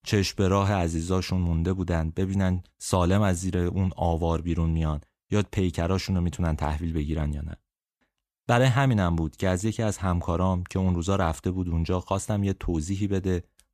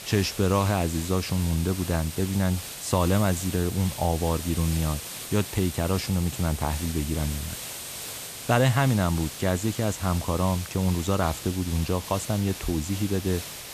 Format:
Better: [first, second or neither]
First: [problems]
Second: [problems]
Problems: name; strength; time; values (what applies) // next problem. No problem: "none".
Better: first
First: none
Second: hiss; loud; throughout; 9 dB below the speech